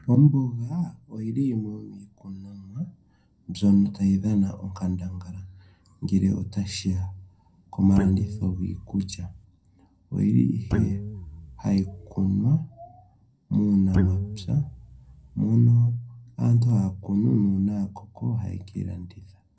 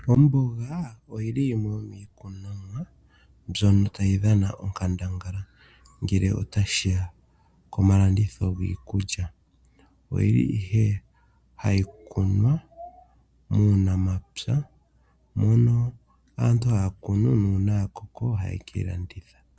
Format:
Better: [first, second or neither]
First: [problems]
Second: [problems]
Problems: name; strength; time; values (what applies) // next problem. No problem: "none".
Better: second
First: background sound (Guitar); 7 dB below the speech // room echo; dies away in 0.2 s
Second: none